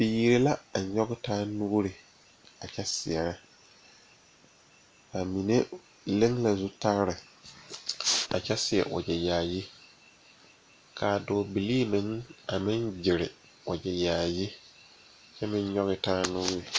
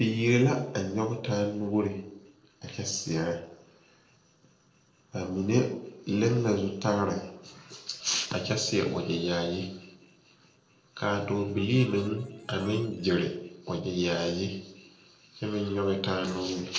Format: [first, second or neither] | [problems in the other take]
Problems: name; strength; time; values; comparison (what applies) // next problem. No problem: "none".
first | noise reduction (neural separator model SepFormer DNS4)